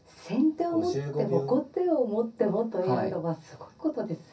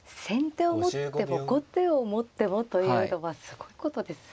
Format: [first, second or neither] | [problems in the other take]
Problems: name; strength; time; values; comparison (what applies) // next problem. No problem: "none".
second | room echo; dies away in 0.3 s